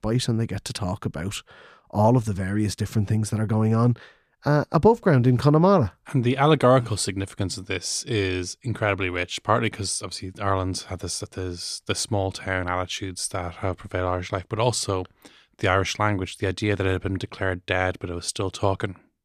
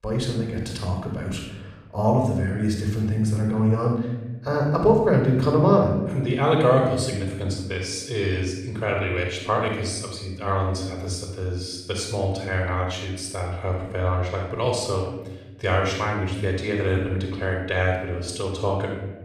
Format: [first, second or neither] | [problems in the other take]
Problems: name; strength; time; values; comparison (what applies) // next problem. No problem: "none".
first | off-mic speech; far // room echo; noticeable; dies away in 1 s